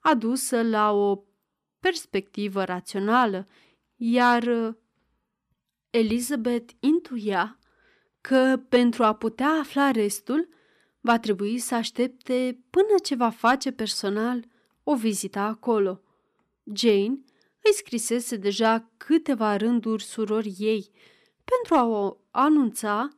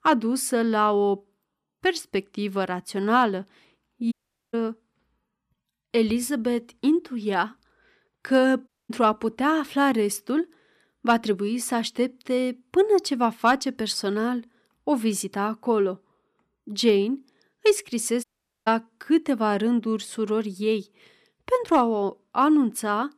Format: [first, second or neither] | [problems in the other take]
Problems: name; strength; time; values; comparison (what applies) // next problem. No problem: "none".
first | audio cutting out; at 4 s, at 8.5 s and at 18 s